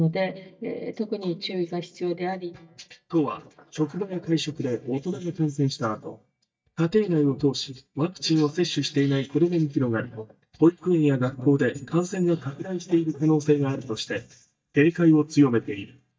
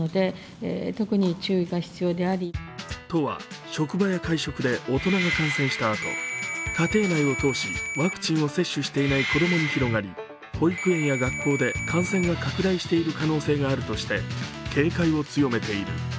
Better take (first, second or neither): second